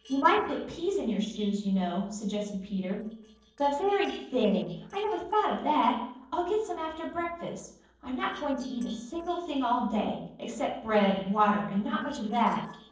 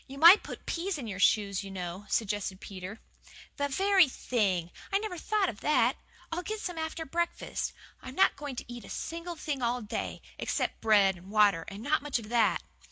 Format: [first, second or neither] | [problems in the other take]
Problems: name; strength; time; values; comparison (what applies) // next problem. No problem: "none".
second | noise reduction (neural separator model SepFormer DNS4)